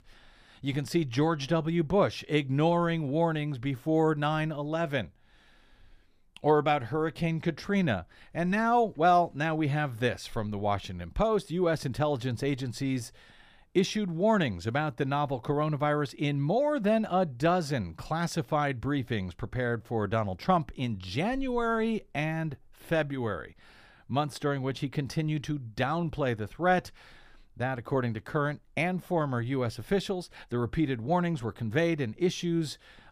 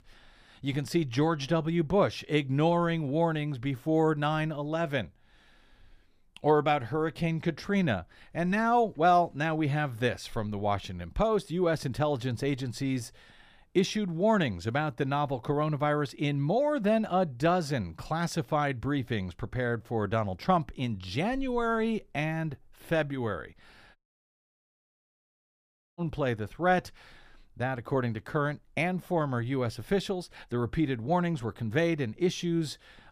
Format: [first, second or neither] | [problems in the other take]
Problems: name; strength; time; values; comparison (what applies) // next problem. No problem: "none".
first | audio cutting out; at 24 s for 2 s